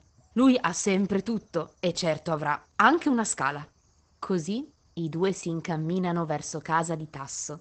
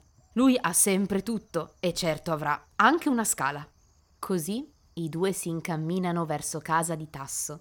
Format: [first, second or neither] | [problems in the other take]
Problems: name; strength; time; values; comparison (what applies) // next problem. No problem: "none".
second | garbled, watery; badly; nothing above 8 kHz